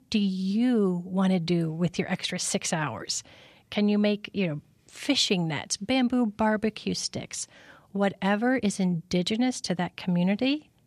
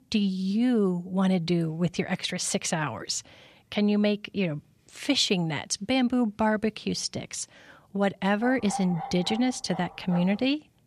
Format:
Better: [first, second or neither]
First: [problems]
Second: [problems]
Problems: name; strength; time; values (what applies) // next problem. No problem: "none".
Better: first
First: none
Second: dog barking; noticeable; from 8.5 to 10 s; peak 9 dB below the speech